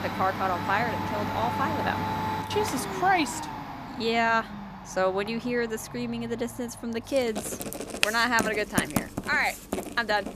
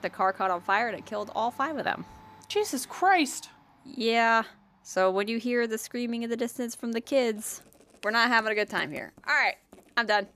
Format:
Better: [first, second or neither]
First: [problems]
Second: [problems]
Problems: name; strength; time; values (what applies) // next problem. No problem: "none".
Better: second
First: household noises; loud; throughout; 4 dB below the speech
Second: household noises; faint; throughout; 25 dB below the speech